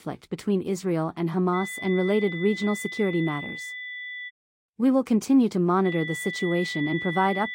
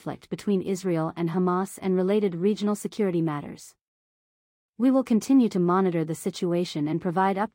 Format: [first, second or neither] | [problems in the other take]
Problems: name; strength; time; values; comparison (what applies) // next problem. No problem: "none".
second | high-pitched whine; loud; from 1.5 to 4.5 s and from 6 s on; 2 kHz, 8 dB below the speech